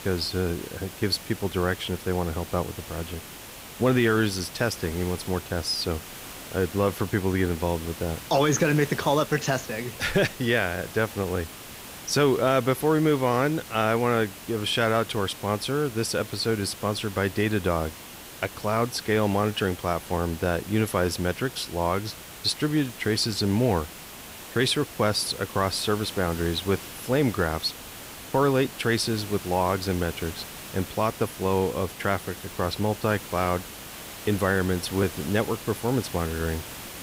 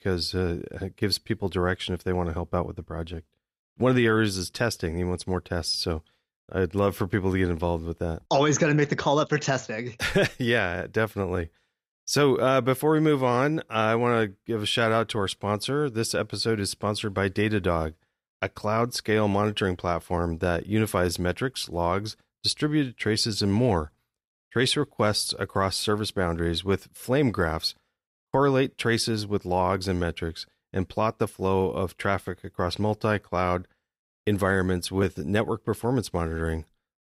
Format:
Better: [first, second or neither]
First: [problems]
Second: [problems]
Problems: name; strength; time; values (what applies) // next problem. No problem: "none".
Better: second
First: hiss; noticeable; throughout; 15 dB below the speech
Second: none